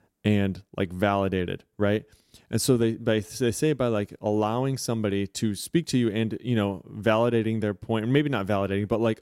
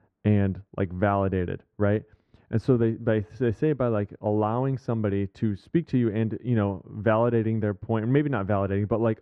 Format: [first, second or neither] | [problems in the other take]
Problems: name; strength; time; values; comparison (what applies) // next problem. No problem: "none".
first | muffled; very; fading above 1.5 kHz